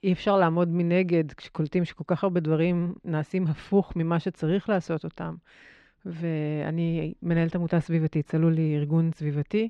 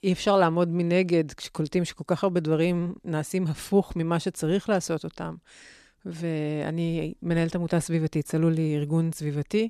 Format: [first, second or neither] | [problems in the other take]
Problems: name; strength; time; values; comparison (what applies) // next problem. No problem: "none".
second | muffled; slightly; fading above 2.5 kHz